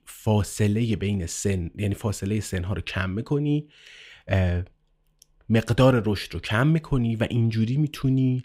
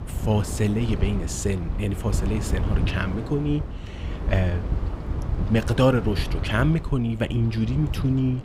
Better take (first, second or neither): first